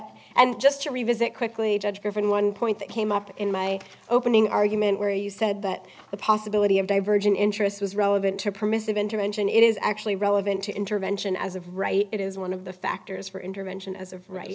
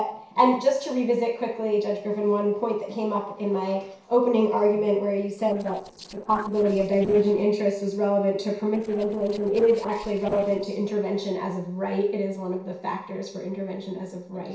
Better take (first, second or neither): first